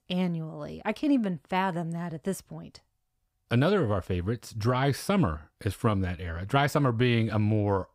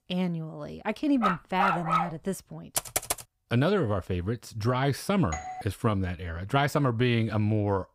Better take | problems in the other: first | dog barking; loud; at 1 s; peak 3 dB above the speech // keyboard typing; noticeable; at 3 s; peak level with the speech // doorbell; noticeable; at 5.5 s; peak 9 dB below the speech

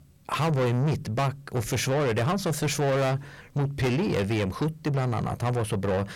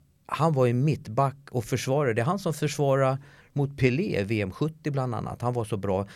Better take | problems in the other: second | distortion; heavy; 7 dB below the speech

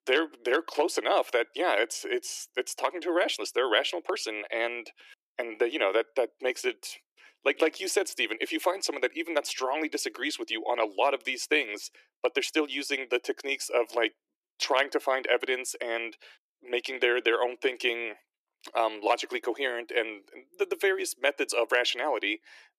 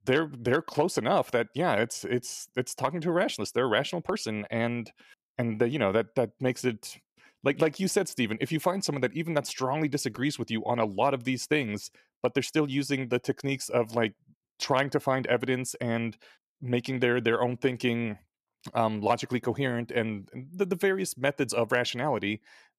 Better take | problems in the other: second | thin; very; fading below 300 Hz

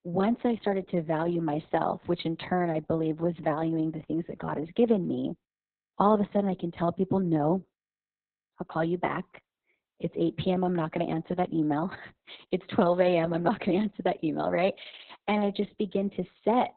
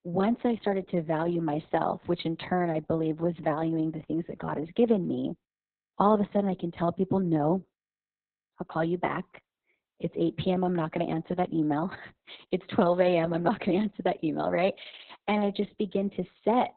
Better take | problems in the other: neither | garbled, watery; badly; nothing above 4 kHz; the same in both

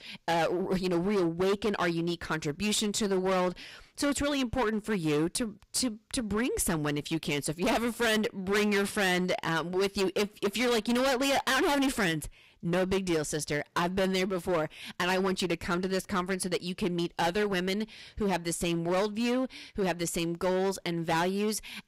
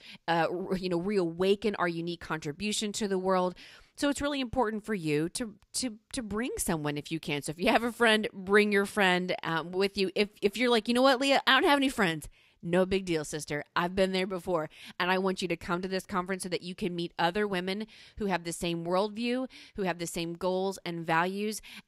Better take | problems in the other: second | distortion; heavy; 16% of the sound clipped

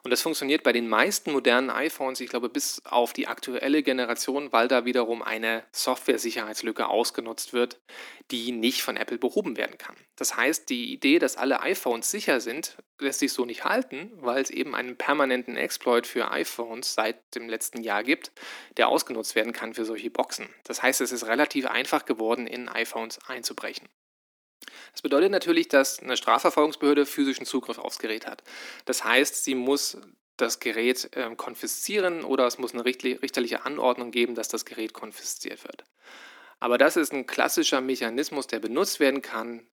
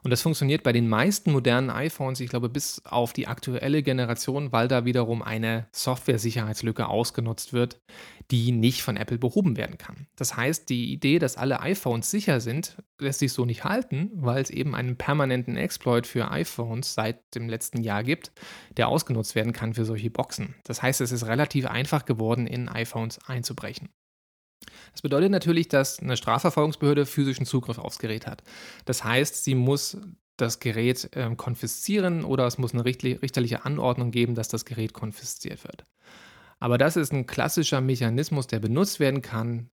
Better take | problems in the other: second | thin; somewhat; fading below 250 Hz

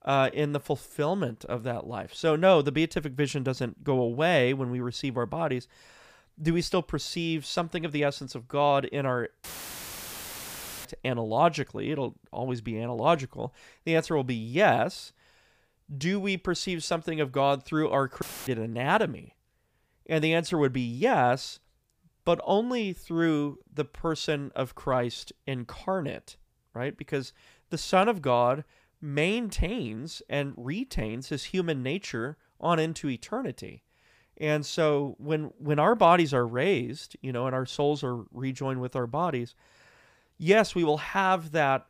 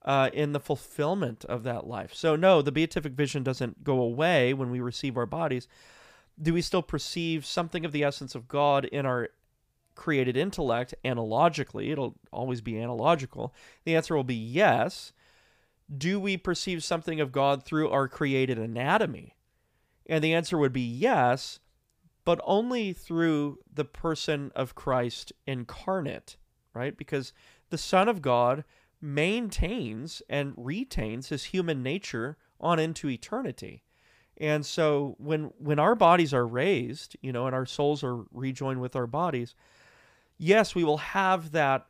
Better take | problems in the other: second | audio cutting out; filled with static; at 9.5 s for 1.5 s and at 18 s

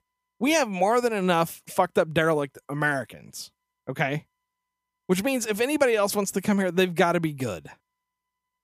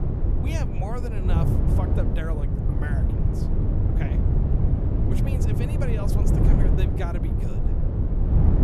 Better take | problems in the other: first | wind noise on the microphone; heavy; 2 dB above the speech

